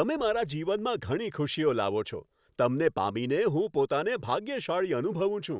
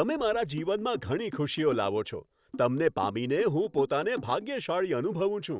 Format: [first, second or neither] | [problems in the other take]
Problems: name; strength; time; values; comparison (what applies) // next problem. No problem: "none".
first | background sound (Drum); 16 dB below the speech